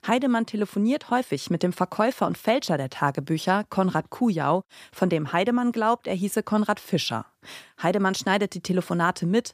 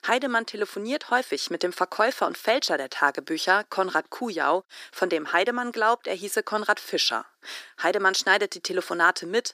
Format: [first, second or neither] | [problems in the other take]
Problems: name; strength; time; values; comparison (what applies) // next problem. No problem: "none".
first | thin; somewhat; fading below 350 Hz